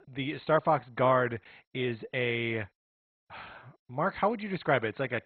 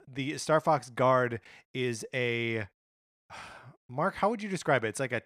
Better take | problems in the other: second | garbled, watery; badly

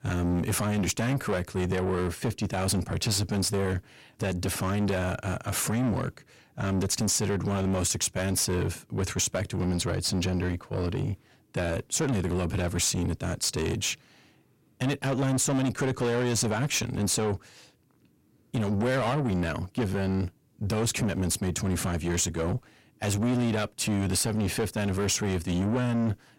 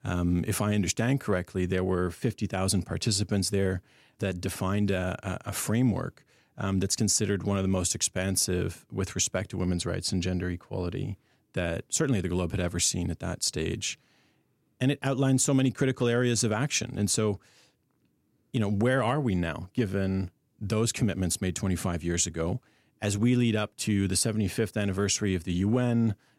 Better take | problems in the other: second | distortion; heavy; 7 dB below the speech

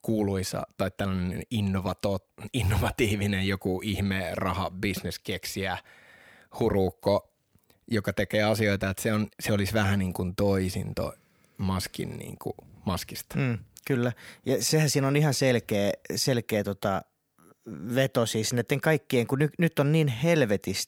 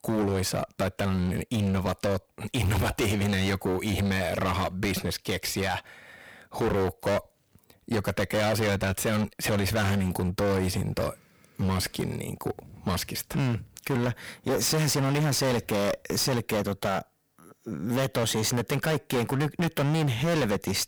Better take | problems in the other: first | distortion; heavy; 26% of the sound clipped

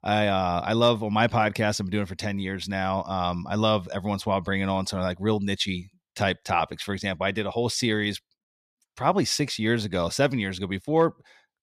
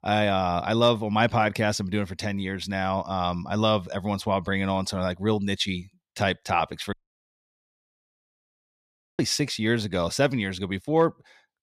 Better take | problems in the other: first | audio cutting out; at 7 s for 2.5 s

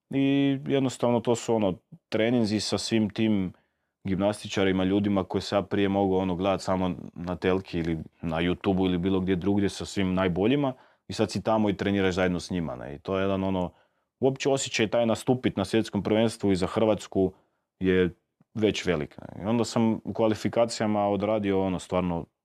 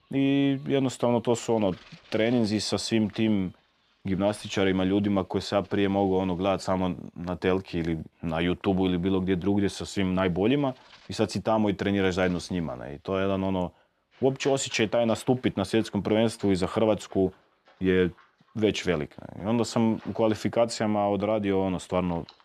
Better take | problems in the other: first | animal sounds; faint; throughout; 30 dB below the speech

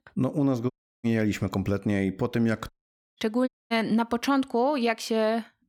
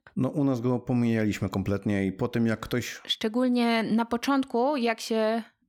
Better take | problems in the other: second | audio cutting out; at 0.5 s, at 2.5 s and at 3.5 s

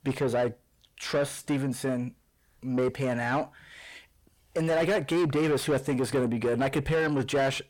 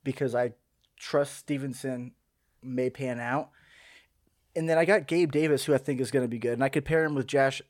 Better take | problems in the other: second | distortion; heavy; 7 dB below the speech

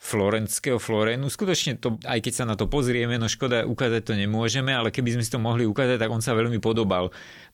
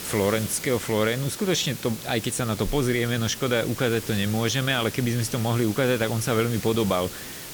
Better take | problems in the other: first | hiss; noticeable; throughout; 10 dB below the speech

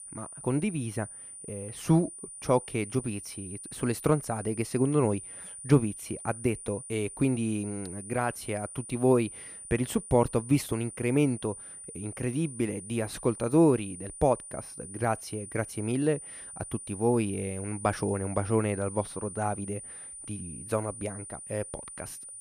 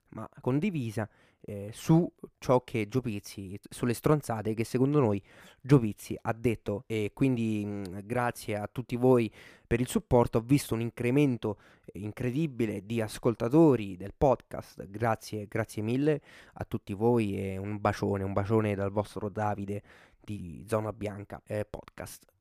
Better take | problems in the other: second | high-pitched whine; noticeable; throughout; 9.5 kHz, 10 dB below the speech

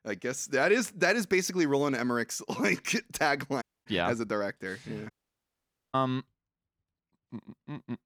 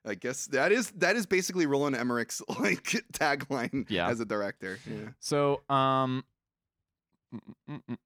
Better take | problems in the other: second | audio cutting out; at 3.5 s and at 5 s for 1 s

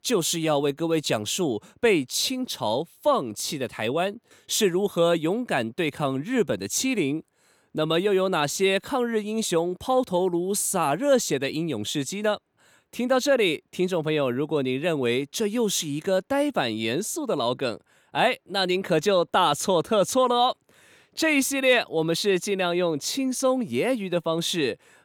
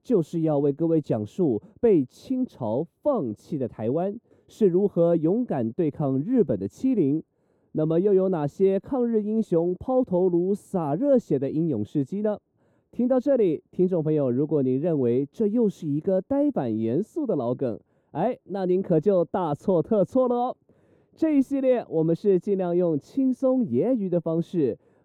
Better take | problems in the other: first | muffled; very; fading above 1 kHz

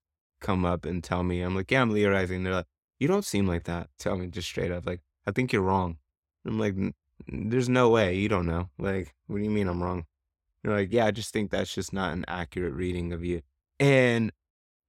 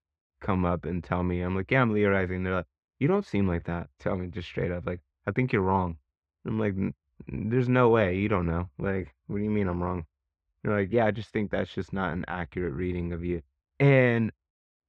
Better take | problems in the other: first | muffled; very; fading above 2 kHz

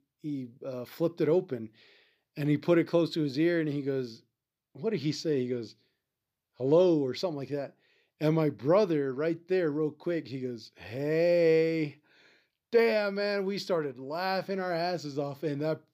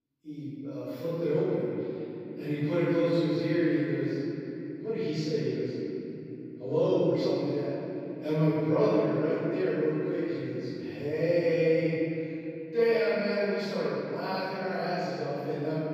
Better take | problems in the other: first | off-mic speech; far // room echo; strong; dies away in 3 s

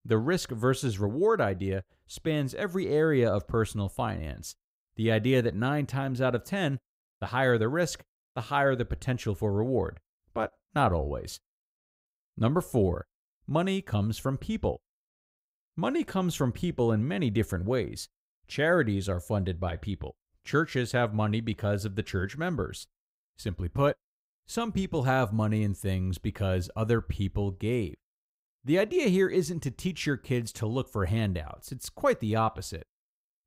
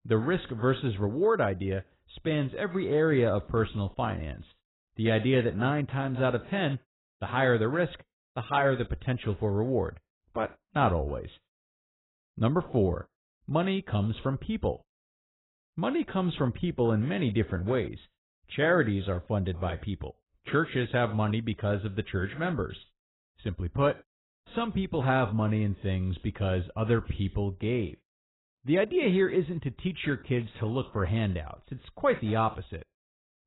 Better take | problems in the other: first | garbled, watery; badly; nothing above 4 kHz

